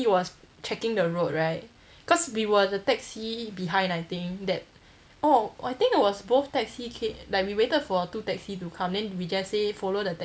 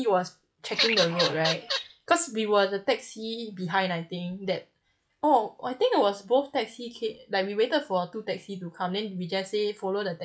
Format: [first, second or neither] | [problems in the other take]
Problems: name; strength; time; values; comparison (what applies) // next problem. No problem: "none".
first | noise reduction (classical method log-MMSE)